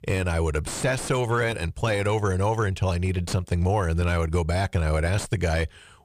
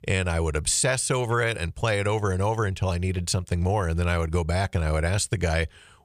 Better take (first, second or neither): second